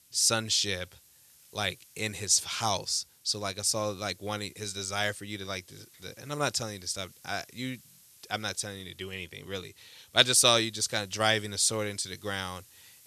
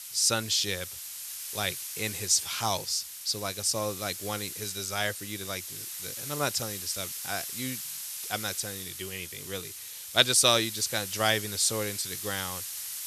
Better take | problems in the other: first | hiss; loud; throughout; 7 dB below the speech; faint in the first

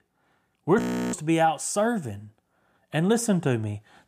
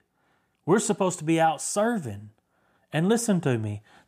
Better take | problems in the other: second | audio freezing; at 1 s

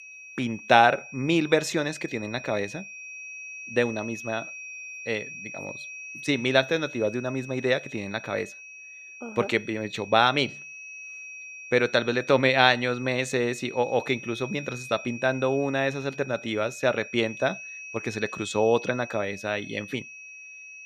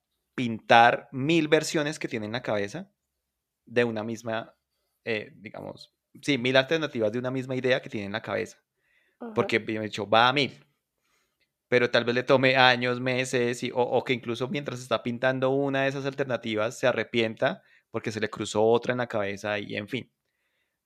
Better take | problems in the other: second | high-pitched whine; noticeable; throughout; 2.5 kHz, 15 dB below the speech

